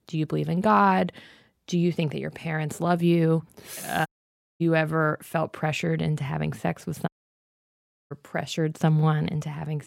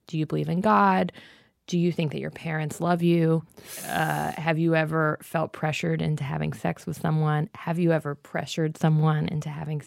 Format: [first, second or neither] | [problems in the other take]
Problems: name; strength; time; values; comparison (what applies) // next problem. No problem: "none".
second | audio cutting out; at 4 s for 0.5 s and at 7 s for 1 s